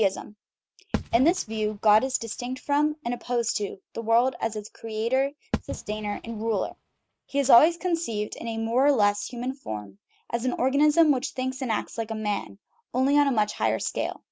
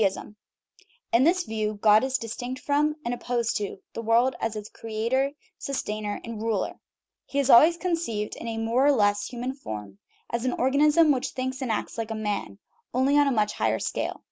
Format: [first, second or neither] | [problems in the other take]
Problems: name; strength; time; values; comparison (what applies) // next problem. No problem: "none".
second | noise reduction (neural mask model RNNoise)